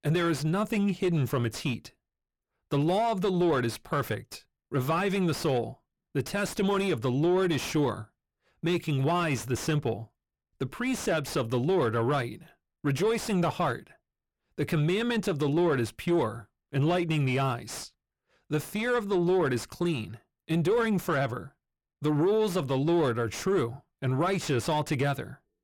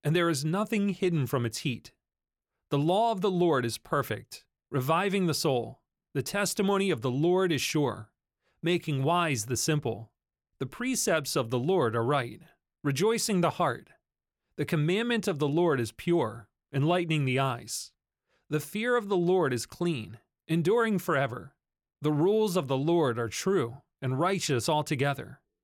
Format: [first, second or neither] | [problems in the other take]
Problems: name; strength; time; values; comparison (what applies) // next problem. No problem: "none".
second | distortion; slight; 10 dB below the speech